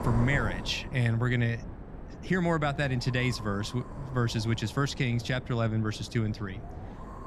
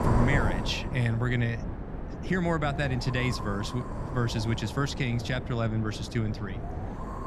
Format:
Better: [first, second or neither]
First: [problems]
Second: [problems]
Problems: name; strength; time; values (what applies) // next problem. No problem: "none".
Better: first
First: wind noise on the microphone; occasional gusts; 15 dB below the speech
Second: wind noise on the microphone; heavy; 6 dB below the speech